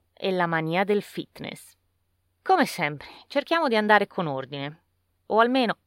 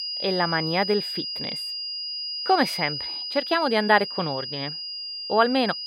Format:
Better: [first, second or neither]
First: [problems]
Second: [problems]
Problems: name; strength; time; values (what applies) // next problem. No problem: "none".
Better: first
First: none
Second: high-pitched whine; loud; throughout; 5 kHz, 5 dB below the speech